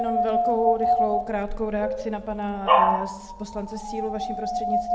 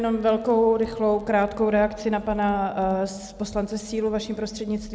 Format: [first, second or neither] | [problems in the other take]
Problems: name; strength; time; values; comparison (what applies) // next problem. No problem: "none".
second | background sound (Dog); 4 dB above the speech // room echo; dies away in 1.5 s